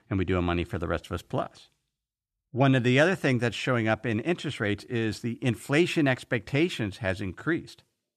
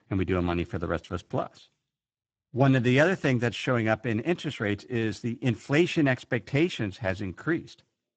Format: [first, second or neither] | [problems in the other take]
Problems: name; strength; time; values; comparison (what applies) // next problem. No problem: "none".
first | garbled, watery; badly; nothing above 8 kHz